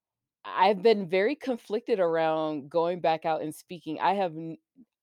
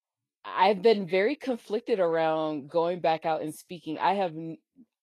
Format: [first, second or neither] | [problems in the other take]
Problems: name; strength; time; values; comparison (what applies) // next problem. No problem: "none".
first | garbled, watery; slightly; nothing above 12.5 kHz